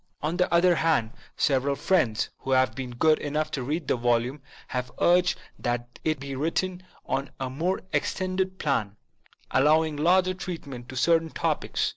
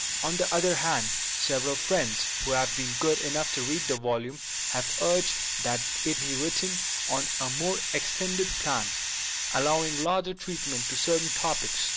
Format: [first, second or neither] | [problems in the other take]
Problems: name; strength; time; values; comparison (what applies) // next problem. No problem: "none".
first | background sound (Hiss); as loud as the speech